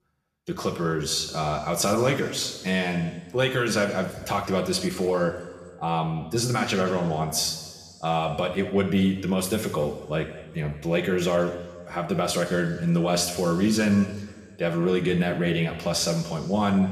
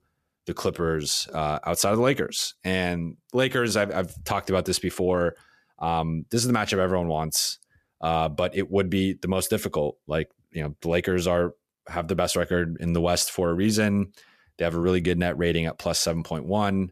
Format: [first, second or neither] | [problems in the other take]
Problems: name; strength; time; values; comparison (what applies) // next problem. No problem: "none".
second | room echo; slight; dies away in 1.5 s // off-mic speech; somewhat distant